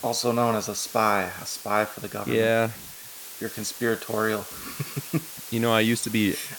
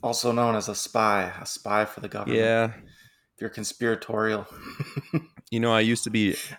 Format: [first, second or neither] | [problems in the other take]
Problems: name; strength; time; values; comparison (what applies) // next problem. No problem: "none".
second | hiss; noticeable; throughout; 10 dB below the speech